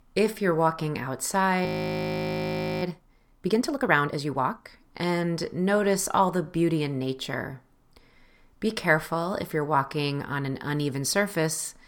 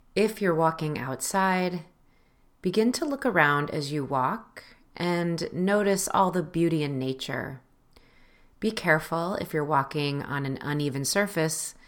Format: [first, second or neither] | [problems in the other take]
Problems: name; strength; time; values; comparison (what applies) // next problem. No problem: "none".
second | audio freezing; at 1.5 s for 1 s